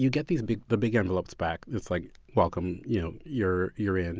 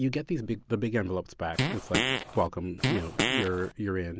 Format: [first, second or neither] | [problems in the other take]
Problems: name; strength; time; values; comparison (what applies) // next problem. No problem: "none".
first | background sound (Fart); 1 dB above the speech